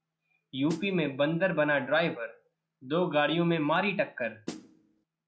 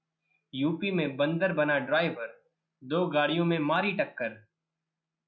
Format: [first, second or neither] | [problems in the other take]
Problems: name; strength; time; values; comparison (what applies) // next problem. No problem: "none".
second | background sound (Snare drum); 14 dB below the speech